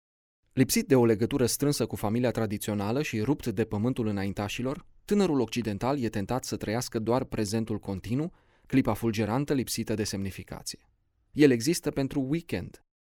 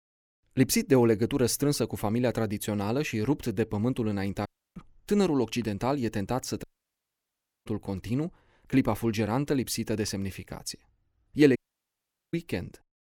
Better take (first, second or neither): first